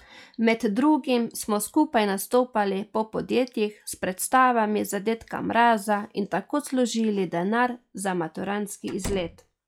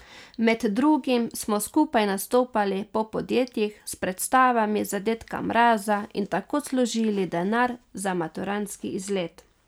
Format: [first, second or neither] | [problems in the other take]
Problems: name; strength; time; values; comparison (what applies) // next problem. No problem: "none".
second | noise reduction (classical method log-MMSE)